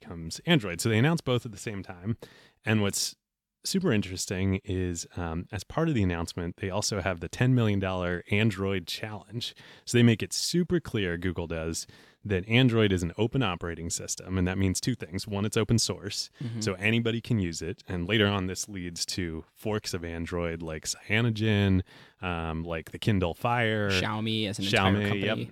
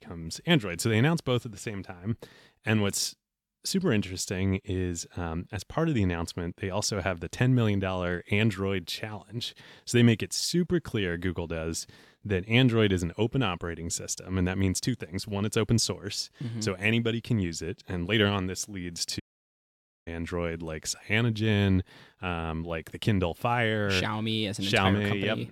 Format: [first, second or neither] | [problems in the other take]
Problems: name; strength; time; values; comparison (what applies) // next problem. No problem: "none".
first | audio cutting out; at 19 s for 1 s